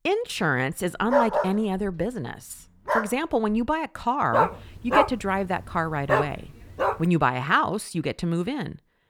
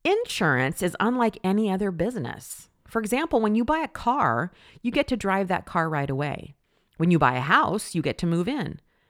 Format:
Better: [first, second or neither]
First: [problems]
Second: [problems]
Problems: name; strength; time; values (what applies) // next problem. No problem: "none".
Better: second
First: dog barking; loud; from 1 to 3 s and from 4.5 to 7 s; peak 4 dB above the speech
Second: none